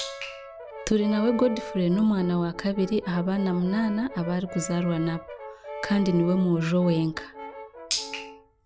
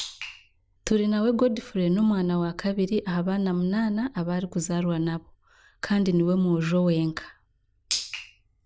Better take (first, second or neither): second